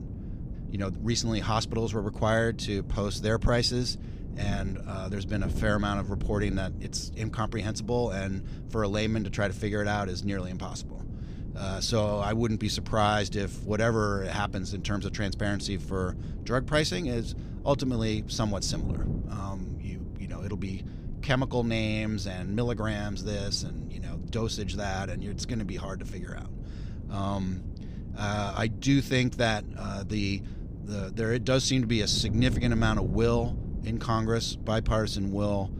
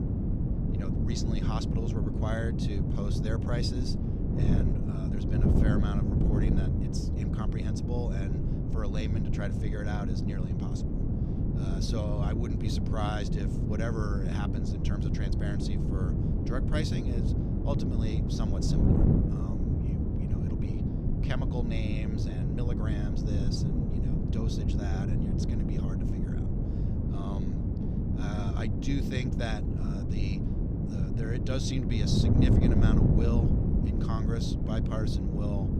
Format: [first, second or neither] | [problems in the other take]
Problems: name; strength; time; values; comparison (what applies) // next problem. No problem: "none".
first | wind noise on the microphone; heavy; 2 dB above the speech; occasional gusts in the first